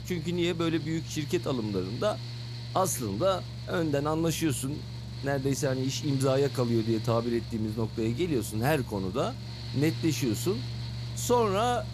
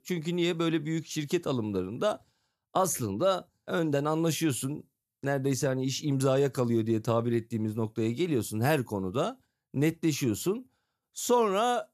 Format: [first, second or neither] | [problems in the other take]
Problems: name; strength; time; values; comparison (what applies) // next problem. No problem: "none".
second | machinery noise; loud; throughout; 9 dB below the speech